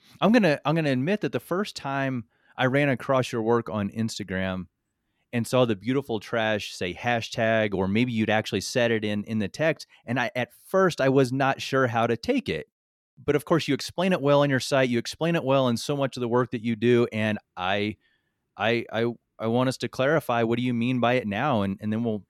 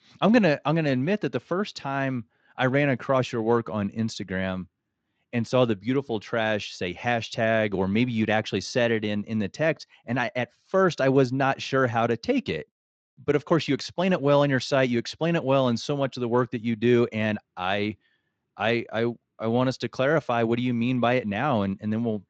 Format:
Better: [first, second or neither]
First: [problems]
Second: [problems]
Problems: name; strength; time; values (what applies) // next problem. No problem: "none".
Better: first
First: none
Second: garbled, watery; slightly; nothing above 7.5 kHz